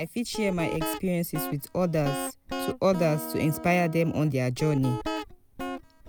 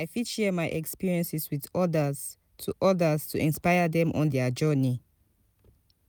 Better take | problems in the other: second | background sound (Guitar); 9 dB below the speech

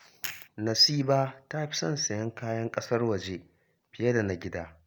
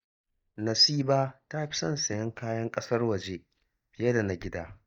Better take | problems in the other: first | noise reduction (neural mask model DeepFilterNet 3)

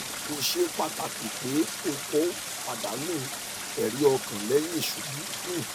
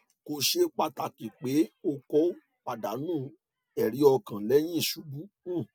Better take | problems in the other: second | background sound (Stream); 5 dB below the speech

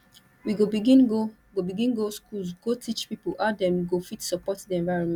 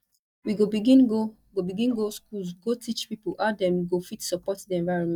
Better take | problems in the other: first | noise reduction (neural mask model DeepFilterNet 3)

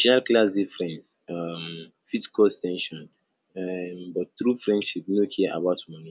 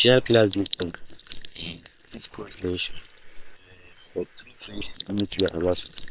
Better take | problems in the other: first | noise reduction (neural separator model SepFormer WHAM!)

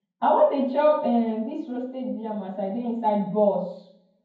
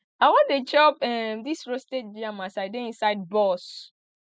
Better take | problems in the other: second | room echo; dies away in 0.9 s

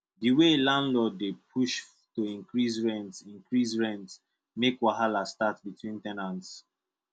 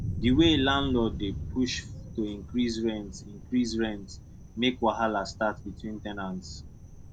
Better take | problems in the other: first | background sound (Thunder); 8 dB below the speech

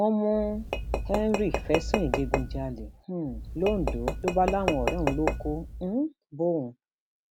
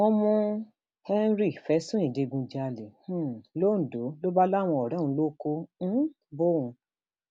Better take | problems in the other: second | background sound (Tap / Glass); 2 dB below the speech

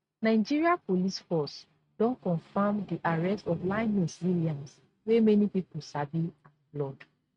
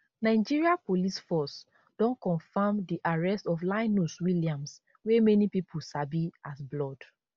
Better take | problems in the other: second | noise reduction (neural mask model RNNoise)

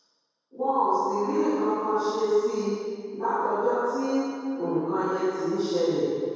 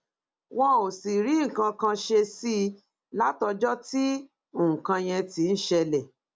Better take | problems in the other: second | room echo; dies away in 2.2 s

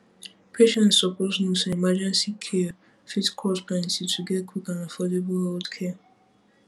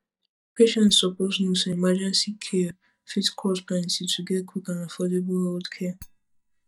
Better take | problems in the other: first | noise reduction (neural mask model DeepFilterNet 3)

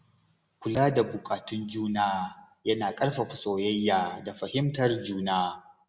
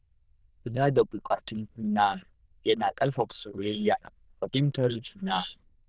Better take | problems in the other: first | noise reduction (neural diffusion model UNIVERSE++)

